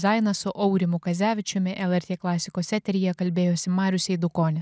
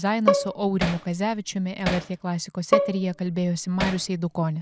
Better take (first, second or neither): first